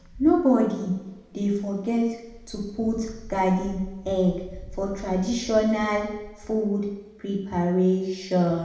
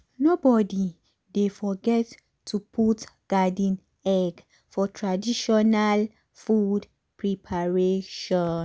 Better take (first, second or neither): second